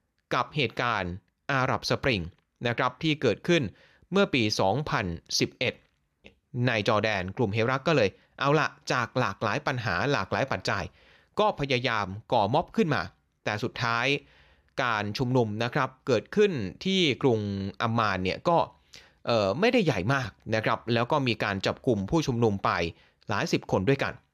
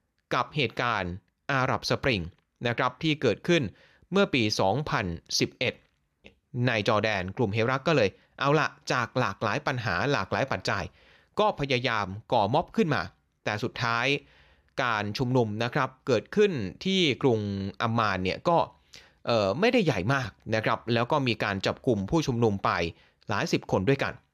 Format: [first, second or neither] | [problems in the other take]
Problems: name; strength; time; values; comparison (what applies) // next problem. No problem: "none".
neither | none